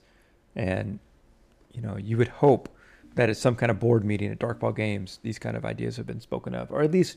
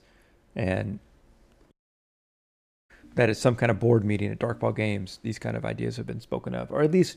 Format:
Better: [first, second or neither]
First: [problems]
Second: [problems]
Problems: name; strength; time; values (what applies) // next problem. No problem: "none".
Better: first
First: none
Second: audio cutting out; at 1.5 s for 1 s